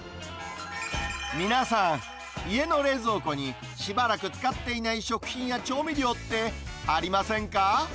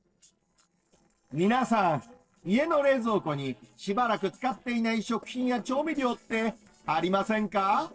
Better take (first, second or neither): first